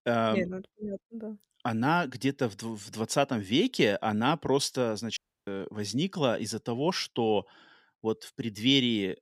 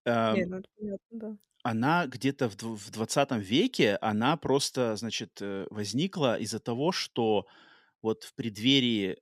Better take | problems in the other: second | audio cutting out; at 5 s

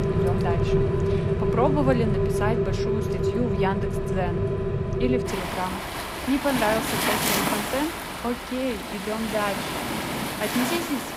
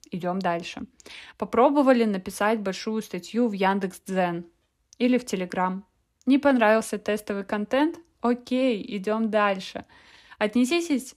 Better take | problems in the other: second | rain or running water; very loud; throughout; 3 dB above the speech

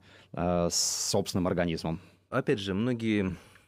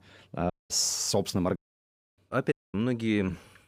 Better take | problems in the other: first | audio cutting out; at 0.5 s, at 1.5 s for 0.5 s and at 2.5 s

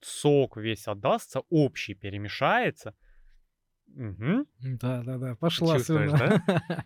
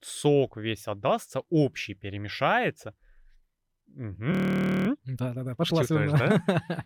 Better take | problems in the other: first | audio freezing; at 4.5 s for 0.5 s

